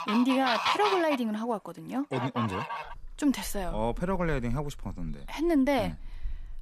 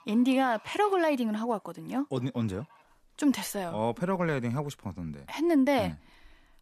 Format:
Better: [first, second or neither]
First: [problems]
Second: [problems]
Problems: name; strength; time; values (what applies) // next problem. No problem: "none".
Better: second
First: animal sounds; loud; throughout; 5 dB below the speech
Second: animal sounds; faint; throughout; 30 dB below the speech